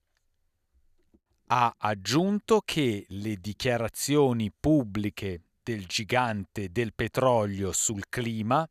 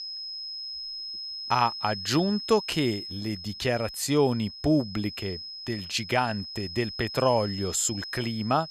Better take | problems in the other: first | high-pitched whine; loud; throughout; 5 kHz, 8 dB below the speech

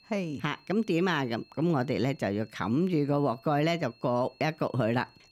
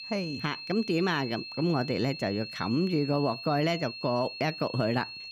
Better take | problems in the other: first | high-pitched whine; loud; throughout; 4.5 kHz, 9 dB below the speech; faint in the first

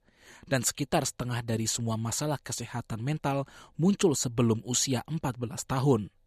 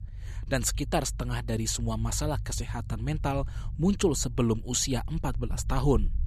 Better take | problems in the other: first | low rumble; faint; throughout; 25 dB below the speech

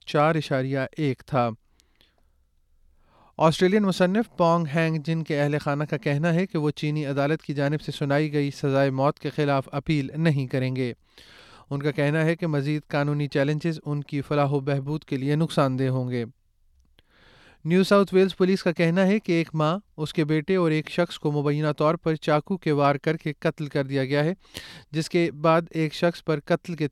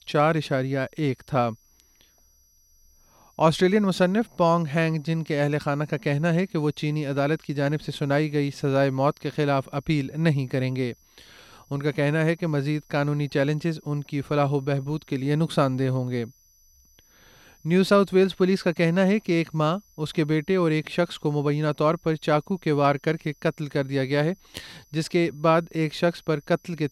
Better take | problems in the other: first | high-pitched whine; faint; throughout; 6 kHz, 35 dB below the speech

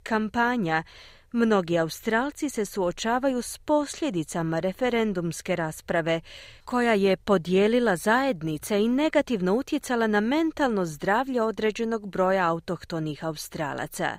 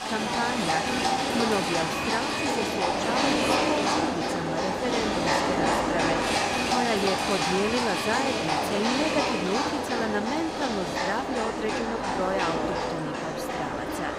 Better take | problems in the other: first | animal sounds; very loud; throughout; 5 dB above the speech

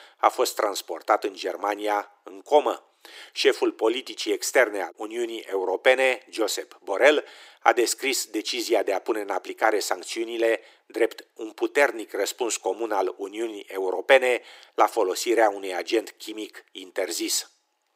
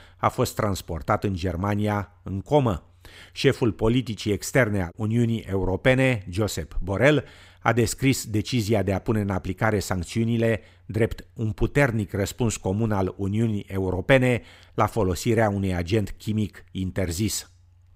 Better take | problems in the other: second | thin; very; fading below 350 Hz

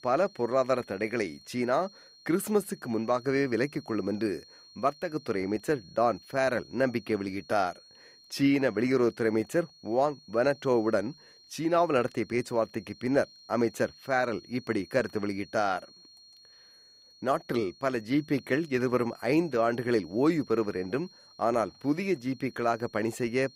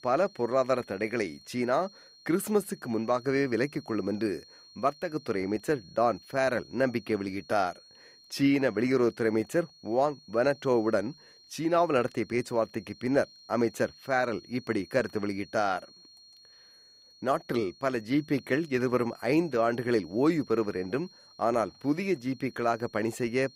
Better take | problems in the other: neither | high-pitched whine; faint; throughout; 4 kHz, 25 dB below the speech; the same in both

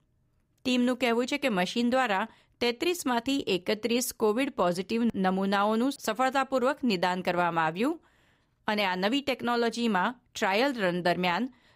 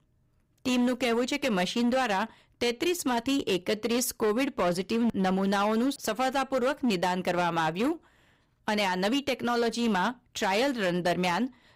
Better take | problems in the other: first | distortion; slight; 11% of the sound clipped

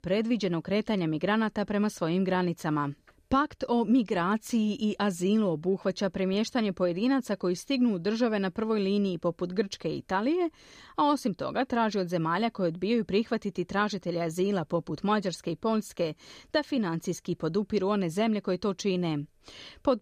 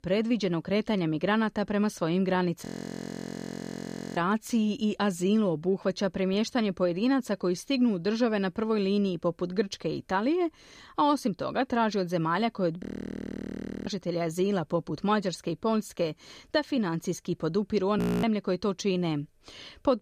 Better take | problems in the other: first | audio freezing; at 2.5 s for 1.5 s, at 13 s for 1 s and at 18 s

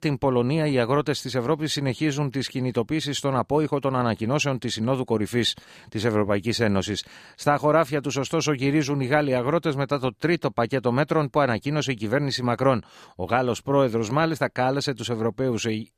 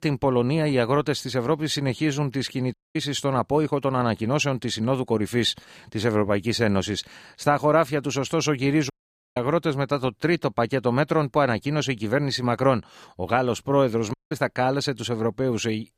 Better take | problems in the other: first | audio cutting out; at 2.5 s, at 9 s and at 14 s

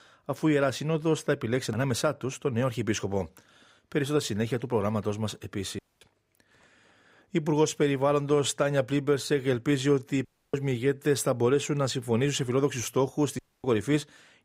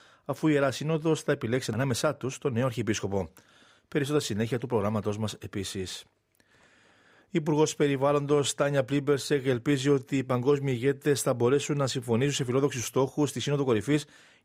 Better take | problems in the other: second | audio cutting out; at 6 s, at 10 s and at 13 s

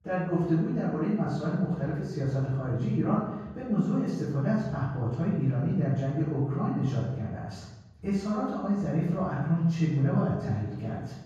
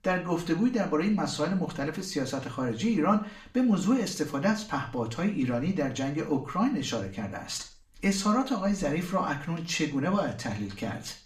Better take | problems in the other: second | room echo; strong; dies away in 1.3 s; slight in the second // off-mic speech; far; far in the second

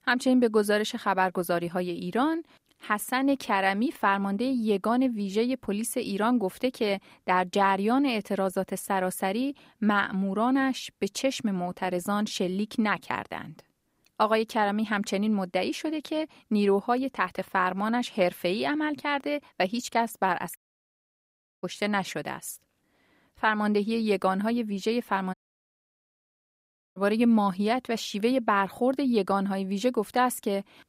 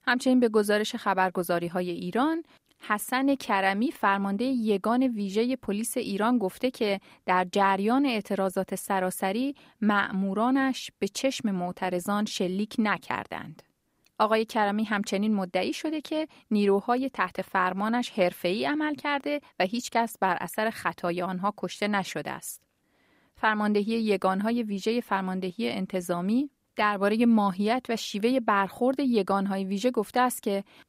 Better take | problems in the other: second | audio cutting out; at 21 s for 1 s and at 25 s for 1.5 s

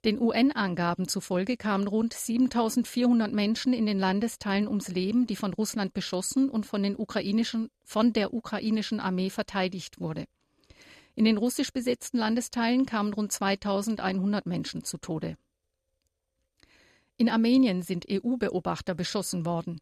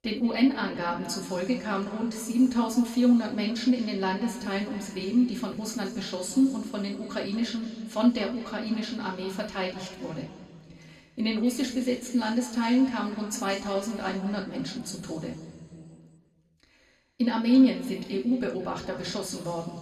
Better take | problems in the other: first | room echo; slight; dies away in 1.9 s // off-mic speech; somewhat distant

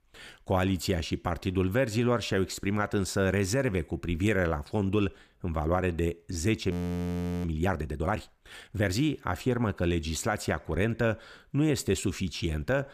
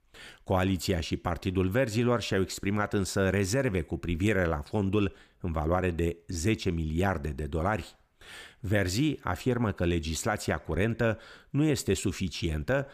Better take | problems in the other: second | audio freezing; at 6.5 s for 0.5 s

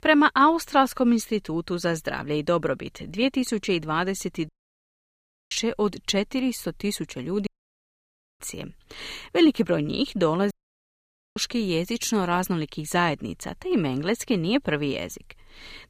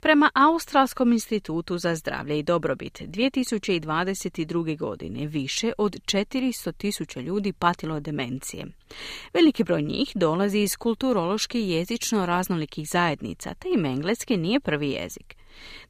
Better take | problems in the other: second | audio cutting out; at 4.5 s for 1 s, at 7.5 s for 1 s and at 11 s for 1 s

